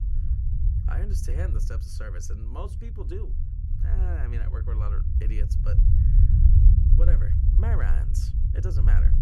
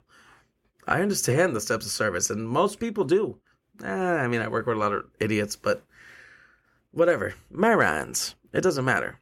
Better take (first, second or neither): second